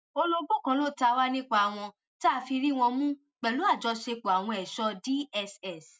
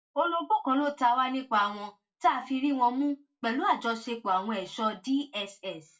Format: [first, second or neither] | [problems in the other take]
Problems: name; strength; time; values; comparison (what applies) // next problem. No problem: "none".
first | room echo; dies away in 0.2 s